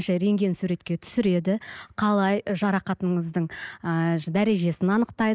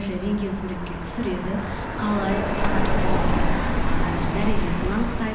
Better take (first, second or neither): first